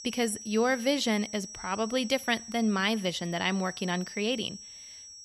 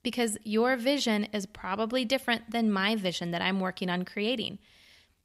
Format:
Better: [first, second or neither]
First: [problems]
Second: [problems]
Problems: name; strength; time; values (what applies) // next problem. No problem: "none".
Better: second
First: high-pitched whine; noticeable; throughout; 5.5 kHz, 15 dB below the speech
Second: none